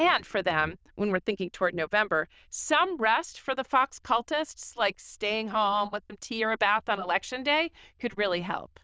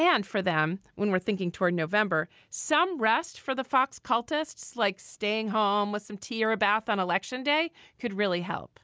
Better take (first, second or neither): second